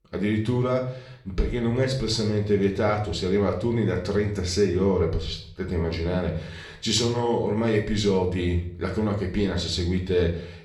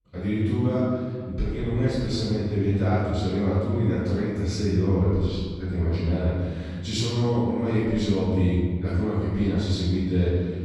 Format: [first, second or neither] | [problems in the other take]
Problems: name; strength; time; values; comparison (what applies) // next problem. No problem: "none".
first | room echo; strong; dies away in 2 s; slight in the first // off-mic speech; far; somewhat distant in the first